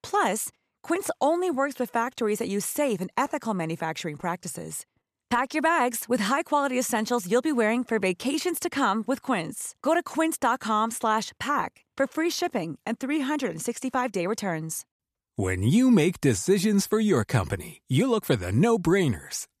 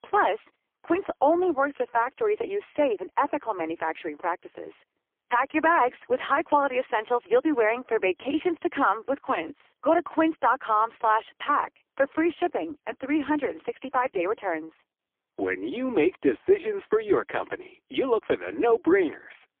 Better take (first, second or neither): first